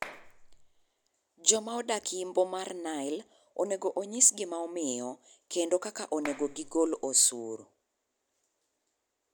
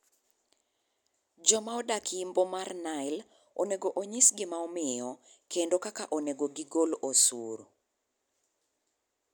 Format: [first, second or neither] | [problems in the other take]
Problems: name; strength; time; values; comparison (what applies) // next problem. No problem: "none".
second | background sound (Clapping); 14 dB below the speech